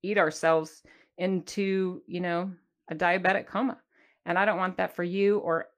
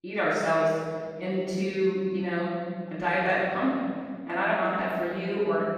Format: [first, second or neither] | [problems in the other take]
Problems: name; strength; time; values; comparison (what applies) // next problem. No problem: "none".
first | off-mic speech; far // room echo; strong; dies away in 2.2 s